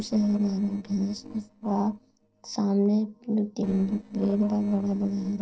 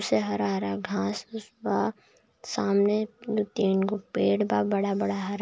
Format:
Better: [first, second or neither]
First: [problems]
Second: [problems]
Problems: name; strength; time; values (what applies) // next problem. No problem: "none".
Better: second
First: noise reduction (neural separator model SepFormer DNS4)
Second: none